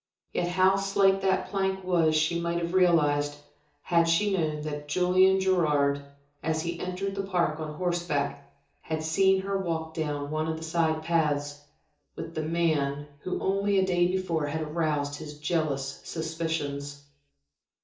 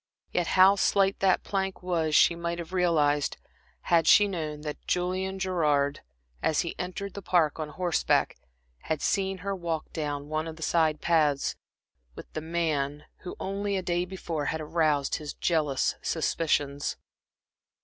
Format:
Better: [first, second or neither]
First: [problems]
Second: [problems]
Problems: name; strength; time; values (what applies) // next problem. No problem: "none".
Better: second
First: room echo; dies away in 0.6 s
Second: none